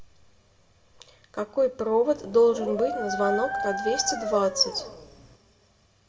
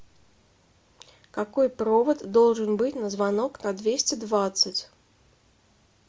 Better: second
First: background sound (Dog); 5 dB below the speech // room echo; dies away in 0.7 s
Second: none

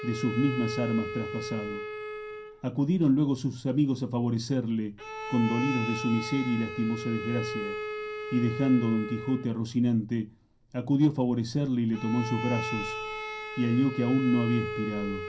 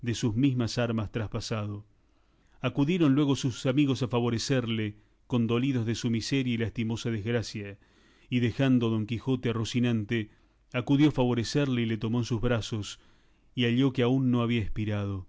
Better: second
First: background sound (Bowed string instrument); 9 dB below the speech // room echo; dies away in 0.3 s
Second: none

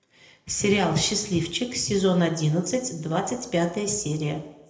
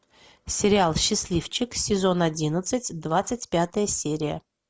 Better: second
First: room echo; dies away in 0.7 s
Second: none

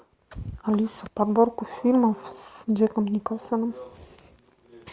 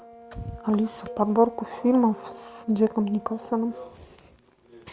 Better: first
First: none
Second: background sound (Brass instrument + Cowbell); 19 dB below the speech

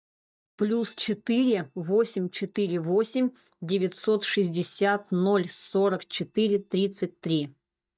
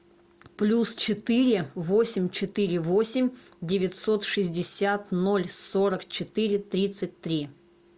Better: second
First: noise reduction (neural mask model DeepFilterNet 3)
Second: none

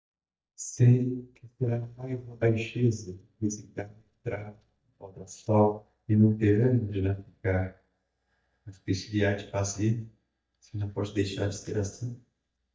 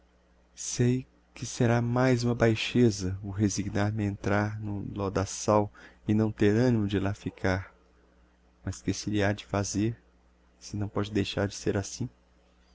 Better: second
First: noise reduction (neural mask model DeepFilterNet 3)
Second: none

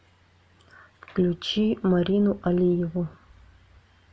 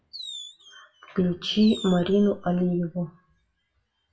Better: first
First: none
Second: noise reduction (classical method WPE with log-MMSE)

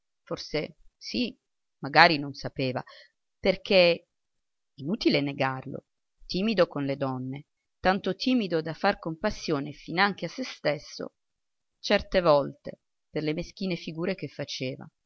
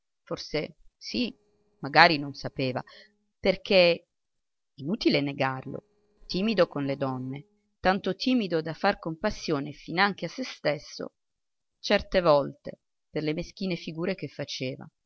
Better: first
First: none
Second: noise reduction (neural separator model SepFormer DNS4)

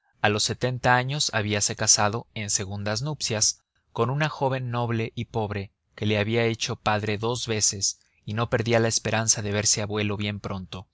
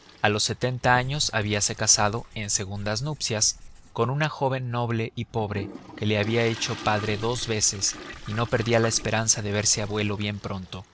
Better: first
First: none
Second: background sound (Writing + Toilet flush); 16 dB below the speech

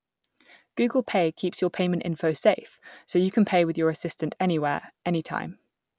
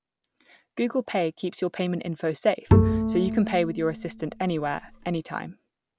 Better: first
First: none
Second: background sound (Bowed string instrument); 3 dB above the speech

